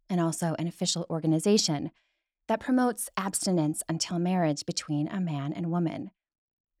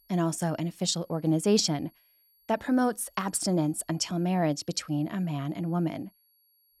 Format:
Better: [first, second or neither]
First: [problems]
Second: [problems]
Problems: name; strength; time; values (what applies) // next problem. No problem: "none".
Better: first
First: none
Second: high-pitched whine; faint; throughout; 11.5 kHz, 35 dB below the speech